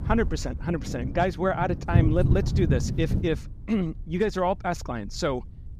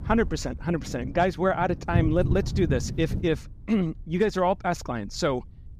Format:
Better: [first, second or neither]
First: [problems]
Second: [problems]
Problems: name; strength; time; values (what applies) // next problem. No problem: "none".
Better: second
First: wind noise on the microphone; heavy; 10 dB below the speech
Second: wind noise on the microphone; occasional gusts; 15 dB below the speech